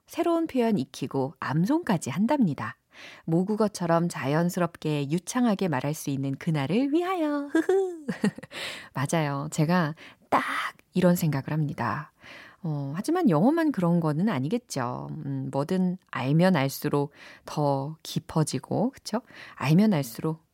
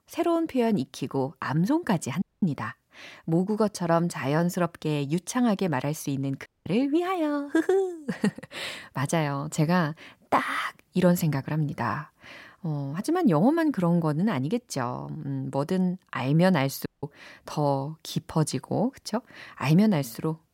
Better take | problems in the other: first | audio cutting out; at 2 s, at 6.5 s and at 17 s

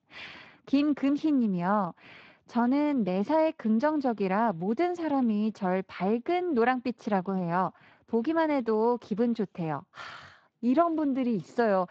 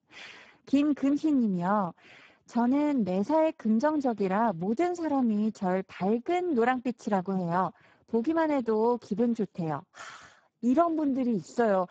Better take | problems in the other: first | garbled, watery; badly; nothing above 7.5 kHz; slightly in the first

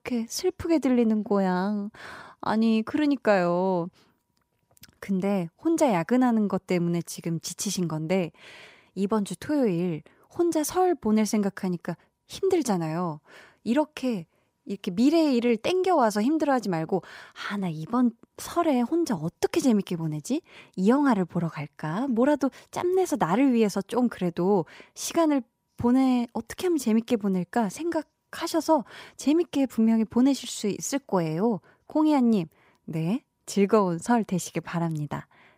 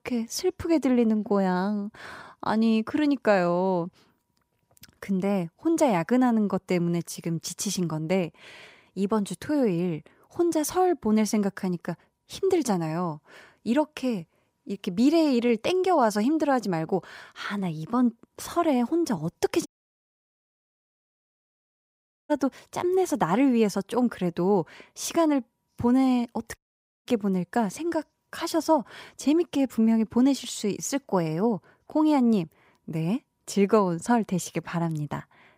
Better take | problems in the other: first | audio cutting out; at 20 s for 2.5 s and at 27 s

